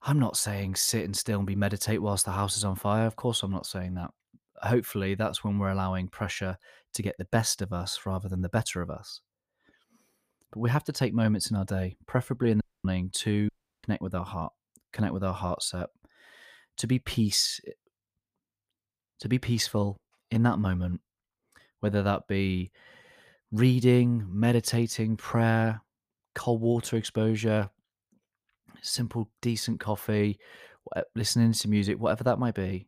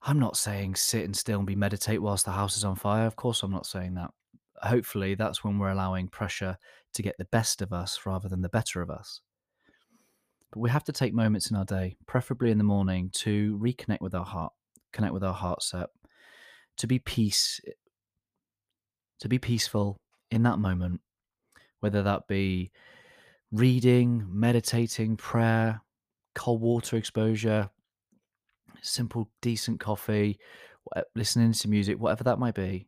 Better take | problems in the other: second | audio cutting out; at 13 s

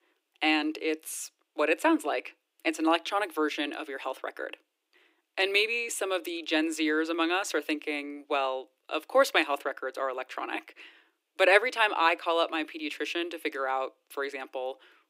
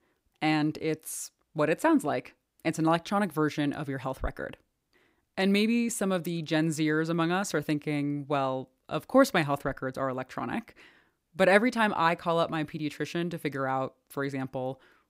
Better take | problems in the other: second | thin; somewhat; fading below 300 Hz

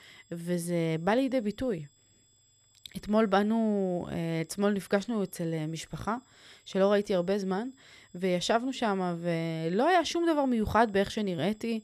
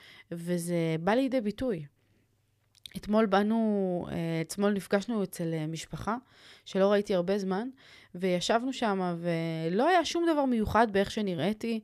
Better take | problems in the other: second | high-pitched whine; faint; throughout; 7.5 kHz, 35 dB below the speech

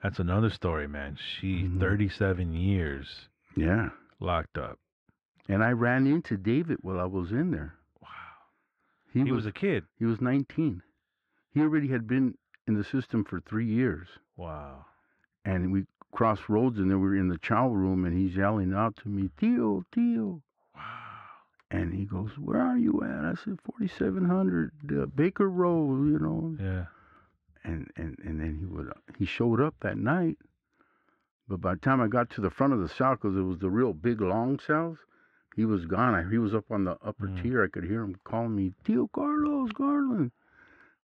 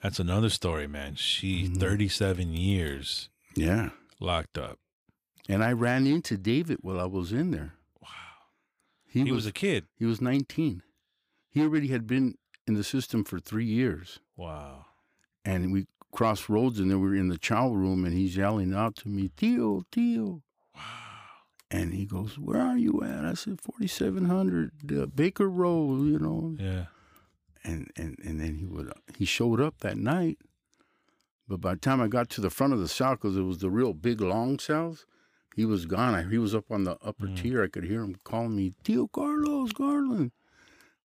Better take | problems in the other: second | muffled; very; fading above 2 kHz

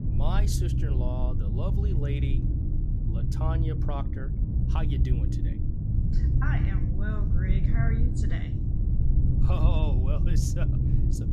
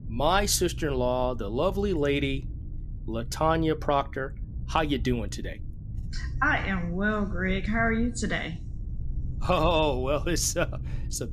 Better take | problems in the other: second | low rumble; loud; throughout; 1 dB below the speech; faint in the second

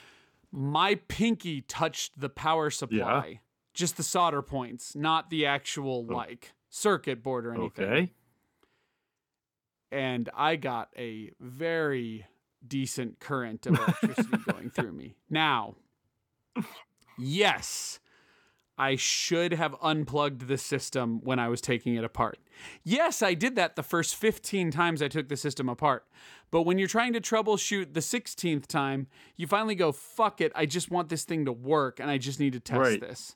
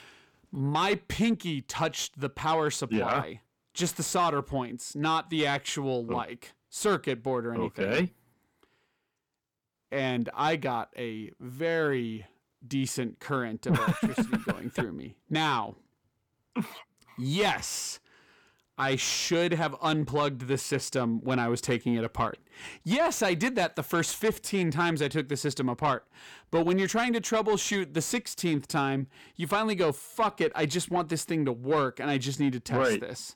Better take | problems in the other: first | distortion; slight; 10 dB below the speech

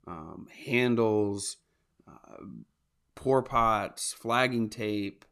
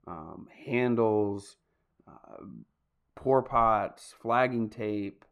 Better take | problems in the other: first | muffled; very; fading above 3 kHz

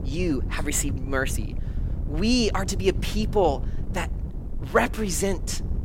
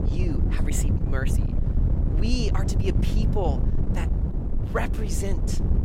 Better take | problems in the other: first | wind noise on the microphone; heavy; 4 dB below the speech; occasional gusts in the first

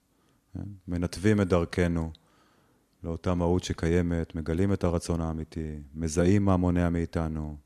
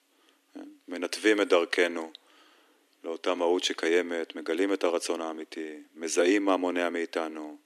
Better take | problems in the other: first | thin; somewhat; fading below 300 Hz

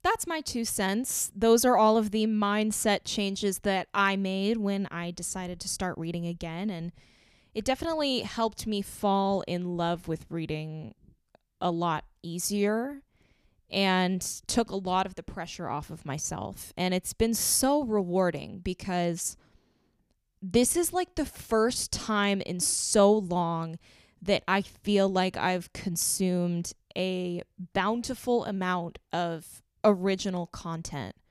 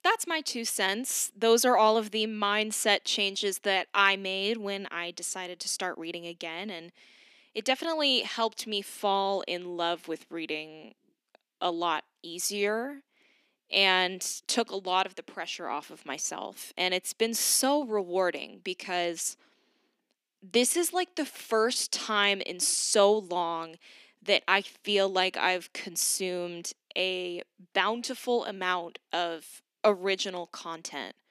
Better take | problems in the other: first | thin; somewhat; fading below 250 Hz

